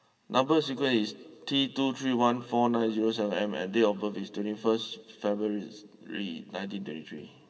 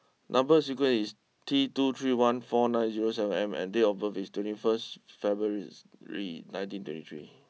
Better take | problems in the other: second | room echo; dies away in 2.4 s

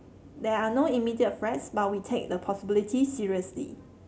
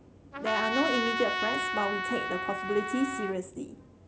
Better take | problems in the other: first | background sound (Trumpet); 1 dB below the speech

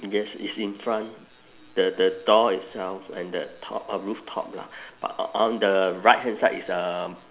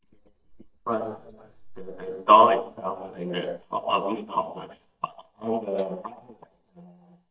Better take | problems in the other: first | noise reduction (neural mask model DeepFilterNet 3)

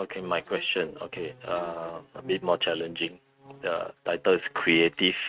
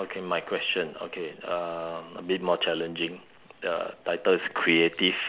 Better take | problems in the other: second | noise reduction (neural mask model RNNoise)

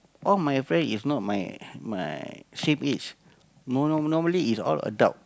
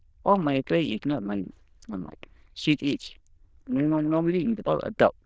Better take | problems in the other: first | noise reduction (neural diffusion model UNIVERSE++)

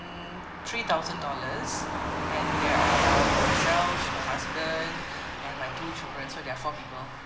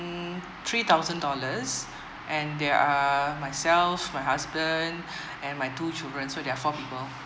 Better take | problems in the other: second | background sound (Car passing by / Truck); 4 dB above the speech // room echo; dies away in 0.6 s

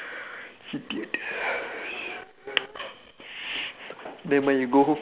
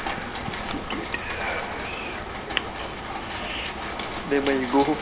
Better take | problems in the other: first | background sound (Rain); 3 dB below the speech

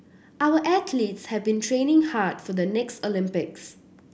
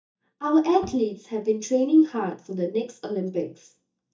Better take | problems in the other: first | noise reduction (neural mask model DeepFilterNet 3)

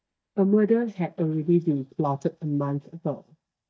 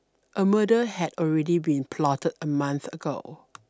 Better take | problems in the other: second | noise reduction (neural mask model DeepFilterNet 3)

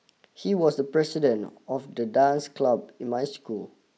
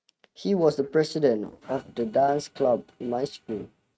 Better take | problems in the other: first | noise reduction (neural mask model RNNoise)

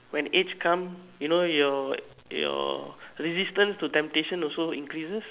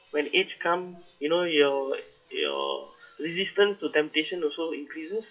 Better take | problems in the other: first | noise reduction (classical method WPE with log-MMSE)

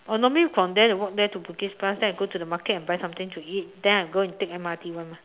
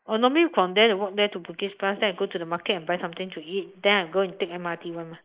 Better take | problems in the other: first | noise reduction (neural mask model Resemble Enhance denoiser)

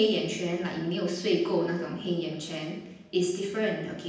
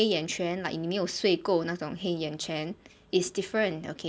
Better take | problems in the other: second | room echo; dies away in 0.9 s

